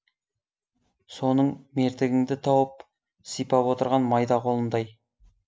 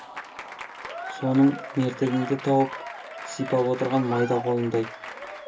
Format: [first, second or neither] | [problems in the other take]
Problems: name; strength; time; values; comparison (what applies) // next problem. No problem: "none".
first | background sound (Applause / Crowd); 11 dB below the speech // room echo; dies away in 0.2 s